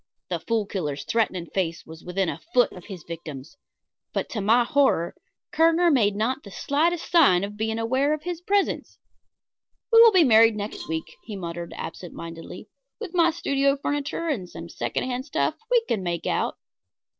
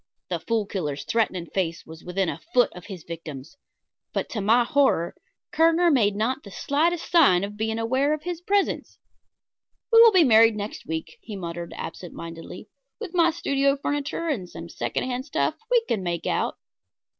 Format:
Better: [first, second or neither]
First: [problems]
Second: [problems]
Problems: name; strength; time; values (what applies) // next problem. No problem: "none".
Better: second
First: noise reduction (neural separator model SepFormer DNS4)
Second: none